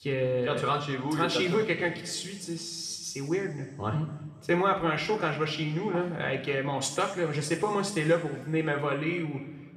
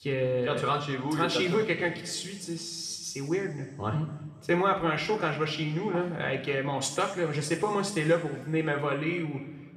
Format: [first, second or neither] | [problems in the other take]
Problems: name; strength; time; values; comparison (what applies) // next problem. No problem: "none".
neither | room echo; noticeable; dies away in 1.6 s; the same in both // off-mic speech; somewhat distant; the same in both